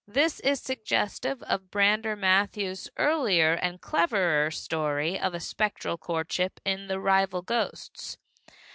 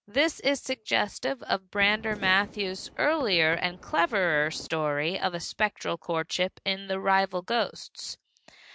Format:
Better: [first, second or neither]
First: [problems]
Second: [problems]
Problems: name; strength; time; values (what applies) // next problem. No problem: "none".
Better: first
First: none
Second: background sound (Fireworks); 17 dB below the speech